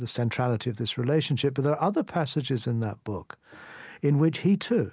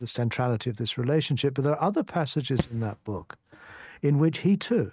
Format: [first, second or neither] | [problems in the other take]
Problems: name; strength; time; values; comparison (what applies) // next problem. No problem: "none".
first | noise reduction (neural mask model RNNoise)